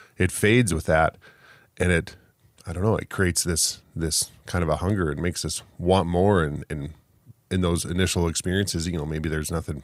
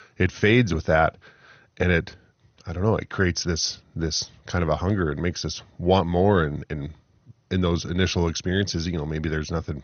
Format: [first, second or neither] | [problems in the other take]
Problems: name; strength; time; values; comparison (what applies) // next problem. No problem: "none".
first | garbled, watery; slightly; nothing above 6.5 kHz